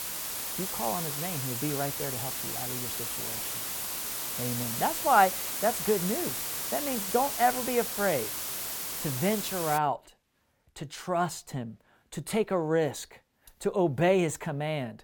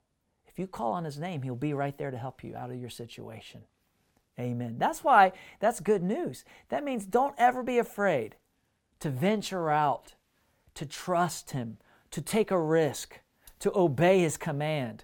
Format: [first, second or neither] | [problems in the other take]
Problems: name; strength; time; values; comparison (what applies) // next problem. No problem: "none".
second | hiss; loud; until 10 s; 2 dB below the speech